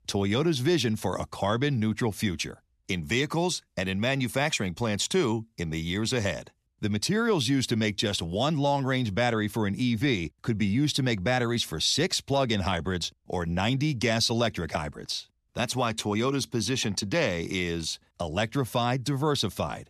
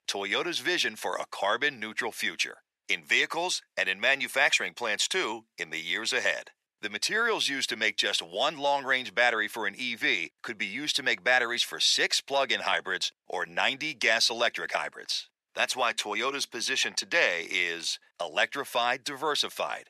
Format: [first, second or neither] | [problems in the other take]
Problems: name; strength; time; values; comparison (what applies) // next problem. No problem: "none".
first | thin; very; fading below 600 Hz